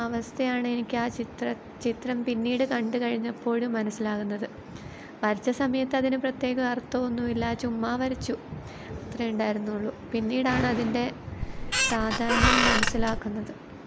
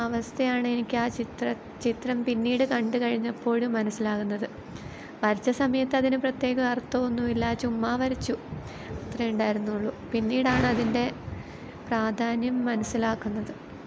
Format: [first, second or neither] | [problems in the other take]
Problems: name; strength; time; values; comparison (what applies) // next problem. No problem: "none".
second | background sound (Squeak); 4 dB above the speech